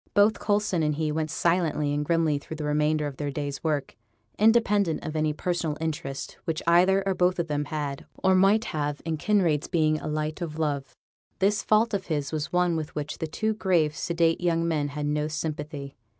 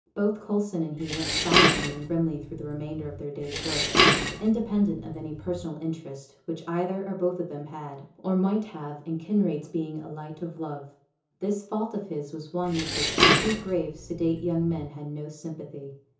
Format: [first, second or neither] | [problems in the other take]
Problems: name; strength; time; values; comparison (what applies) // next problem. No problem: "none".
first | background sound (Dishes, pots, and pans); 3 dB above the speech // room echo; dies away in 0.6 s